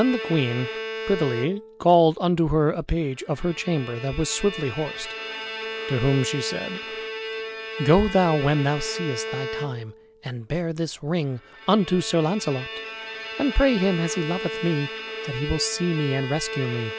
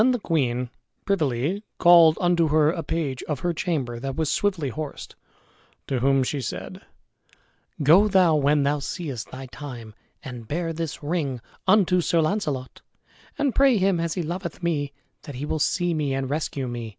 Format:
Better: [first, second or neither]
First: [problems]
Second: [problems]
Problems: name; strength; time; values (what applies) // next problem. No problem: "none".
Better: second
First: background sound (Bowed string instrument); 9 dB below the speech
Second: none